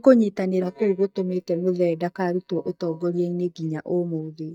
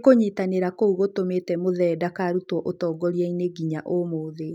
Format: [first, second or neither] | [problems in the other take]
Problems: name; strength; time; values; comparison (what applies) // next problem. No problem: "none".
second | noise reduction (neural mask model DeepFilterNet 3)